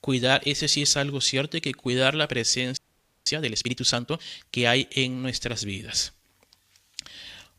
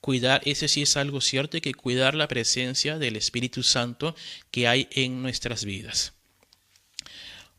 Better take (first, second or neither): second